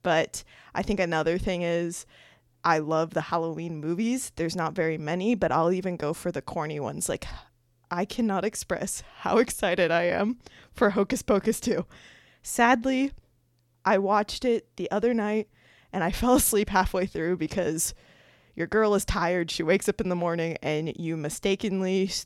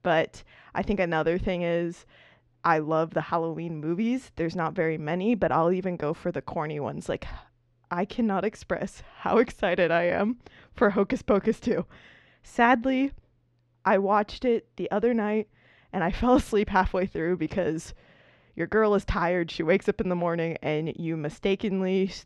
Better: first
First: none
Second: muffled; slightly; fading above 3 kHz

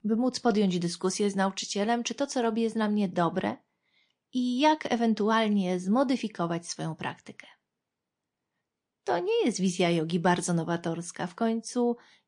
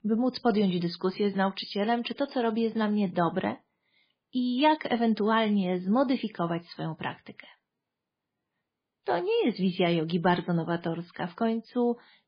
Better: first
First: garbled, watery; slightly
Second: garbled, watery; badly

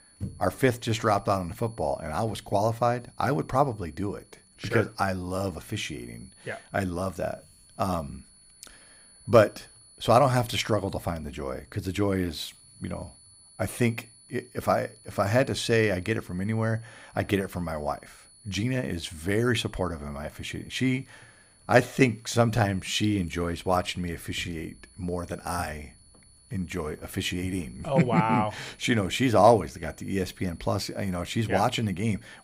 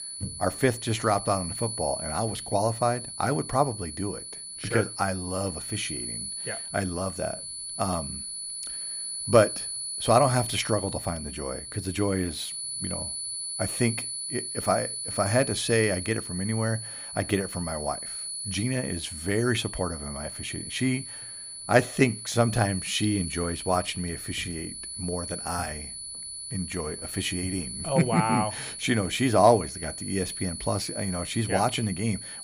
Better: first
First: high-pitched whine; faint; throughout; 10 kHz, 25 dB below the speech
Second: high-pitched whine; loud; throughout; 10 kHz, 6 dB below the speech

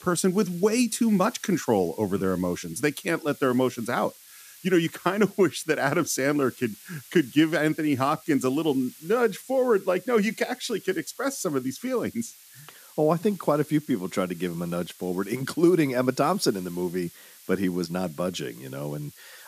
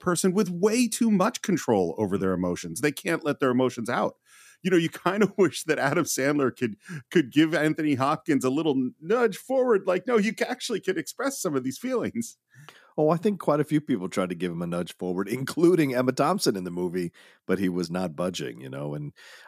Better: second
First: hiss; faint; throughout; 20 dB below the speech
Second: none

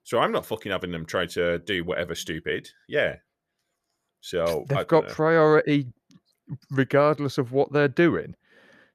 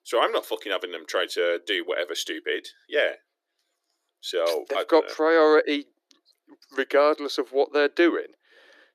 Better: first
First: none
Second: thin; somewhat; fading below 300 Hz

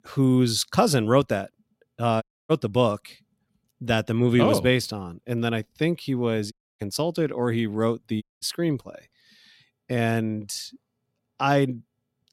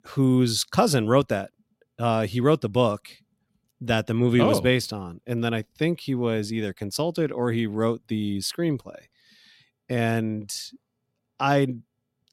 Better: second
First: audio cutting out; at 2 s, at 6.5 s and at 8 s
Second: none

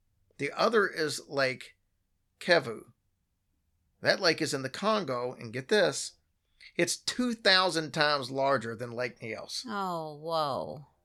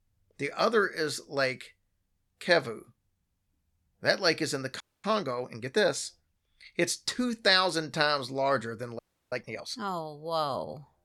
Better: first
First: none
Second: audio freezing; at 5 s and at 9 s

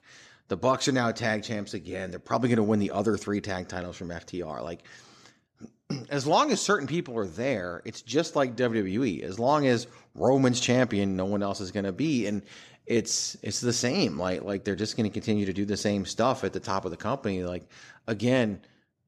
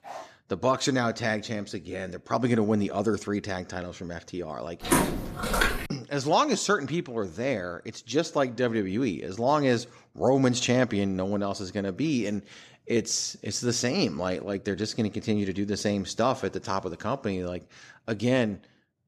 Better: first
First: none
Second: dog barking; faint; at the start; peak 15 dB below the speech // footsteps; loud; from 5 to 6 s; peak 3 dB above the speech

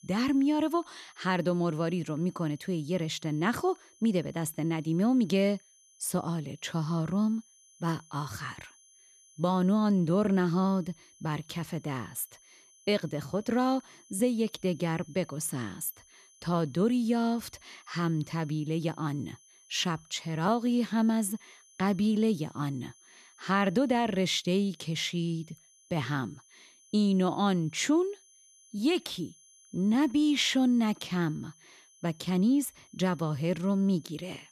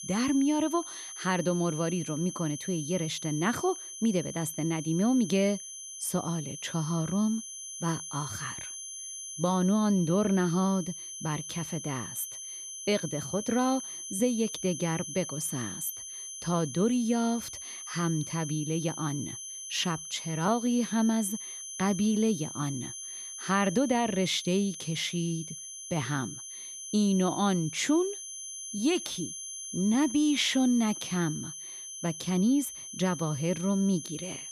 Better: first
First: high-pitched whine; faint; throughout; 6 kHz, 30 dB below the speech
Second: high-pitched whine; loud; throughout; 6 kHz, 8 dB below the speech

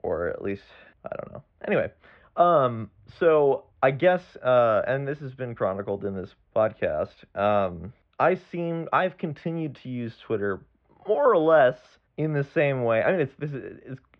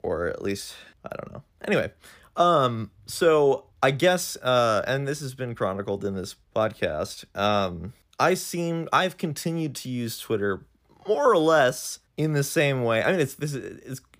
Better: second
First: muffled; very; fading above 3 kHz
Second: none

